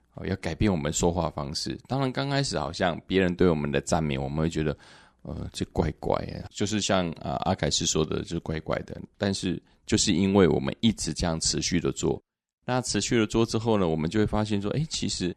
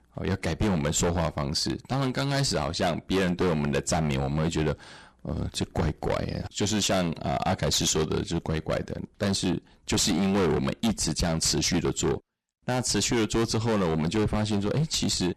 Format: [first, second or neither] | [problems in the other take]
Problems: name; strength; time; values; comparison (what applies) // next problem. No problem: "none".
first | distortion; heavy; 17% of the sound clipped